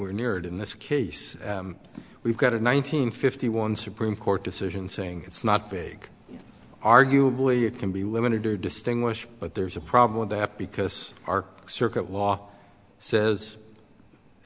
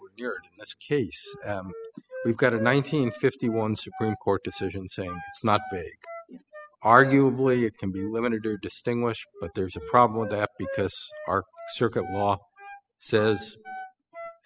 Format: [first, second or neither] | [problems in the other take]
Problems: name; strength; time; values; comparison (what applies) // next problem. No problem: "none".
first | noise reduction (classical method spectral subtraction)